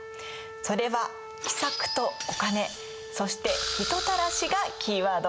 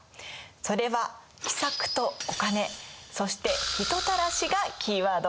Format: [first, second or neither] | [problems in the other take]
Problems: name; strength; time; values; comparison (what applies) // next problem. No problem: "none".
second | background sound (Wind instrument, woodwind instrument); 13 dB below the speech